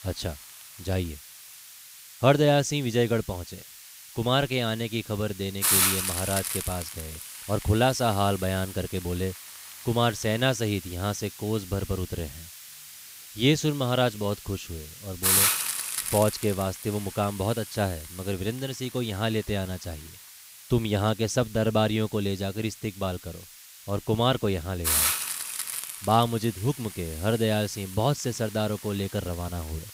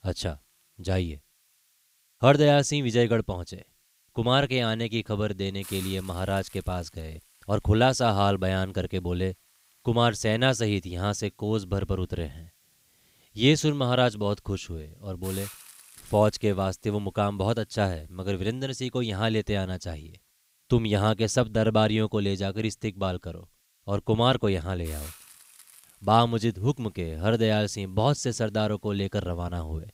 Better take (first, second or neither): second